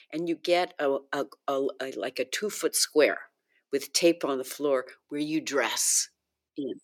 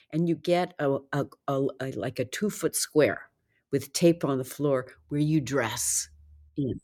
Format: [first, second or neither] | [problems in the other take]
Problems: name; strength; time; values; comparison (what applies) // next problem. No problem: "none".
second | thin; somewhat; fading below 300 Hz